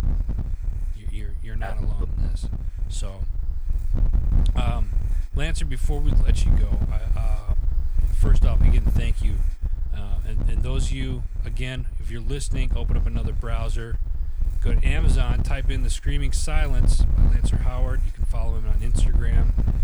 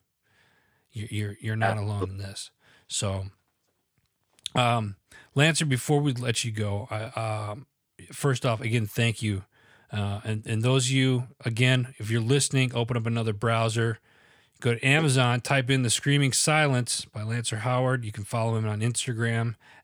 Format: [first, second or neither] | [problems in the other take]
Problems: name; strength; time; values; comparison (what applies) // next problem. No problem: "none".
second | wind noise on the microphone; heavy; 6 dB below the speech